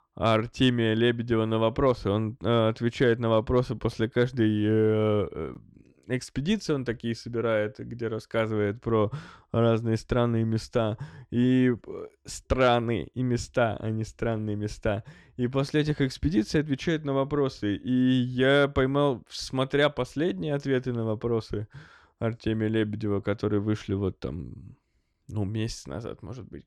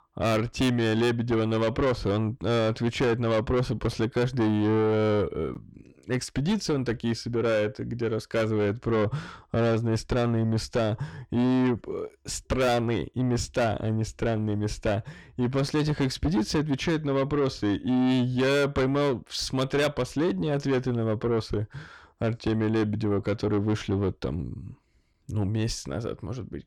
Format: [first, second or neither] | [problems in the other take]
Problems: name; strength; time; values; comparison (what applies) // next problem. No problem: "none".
first | distortion; heavy; 8 dB below the speech